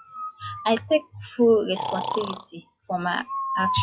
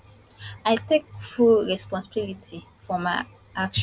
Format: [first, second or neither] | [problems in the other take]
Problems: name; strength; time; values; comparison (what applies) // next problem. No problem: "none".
second | noise reduction (classical method log-MMSE)